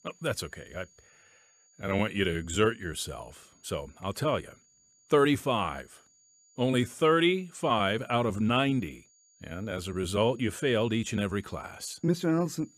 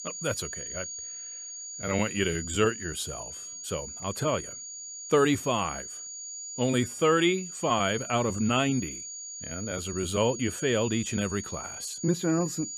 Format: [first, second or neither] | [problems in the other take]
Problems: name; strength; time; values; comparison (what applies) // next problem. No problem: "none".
first | high-pitched whine; loud; throughout; 7 kHz, 9 dB below the speech; faint in the first